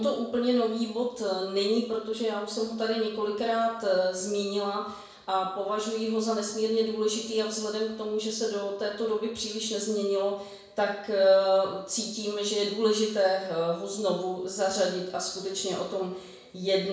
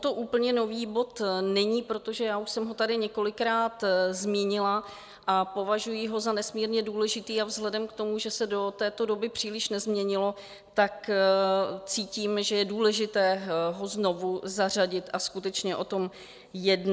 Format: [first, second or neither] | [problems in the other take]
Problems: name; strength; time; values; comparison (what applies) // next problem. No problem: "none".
second | room echo; dies away in 0.6 s